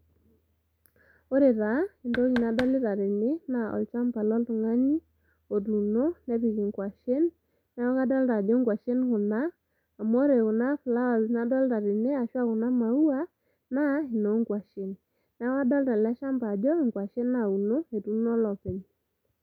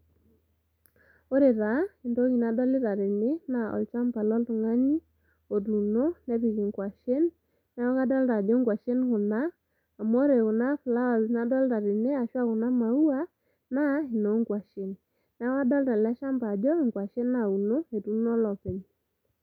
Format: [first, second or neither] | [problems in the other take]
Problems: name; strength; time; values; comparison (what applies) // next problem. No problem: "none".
second | background sound (Knock); 13 dB below the speech